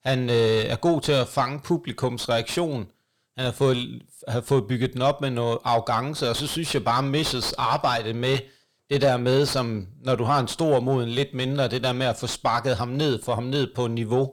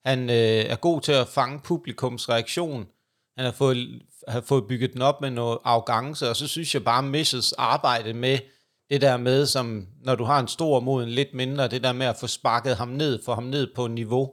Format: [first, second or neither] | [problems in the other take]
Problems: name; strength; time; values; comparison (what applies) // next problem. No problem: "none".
second | distortion; slight; 9 dB below the speech